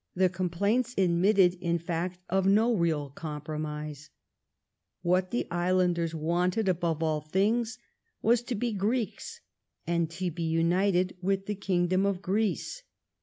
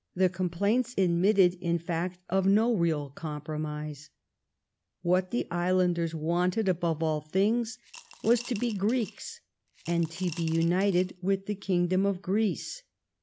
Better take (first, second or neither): first